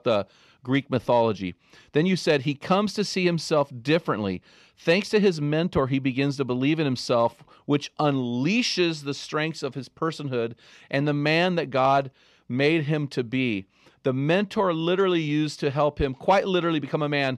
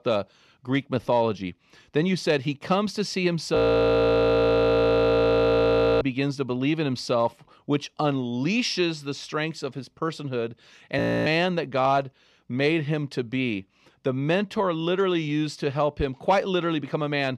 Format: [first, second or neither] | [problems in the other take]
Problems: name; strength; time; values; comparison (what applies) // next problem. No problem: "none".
first | audio freezing; at 3.5 s for 2.5 s and at 11 s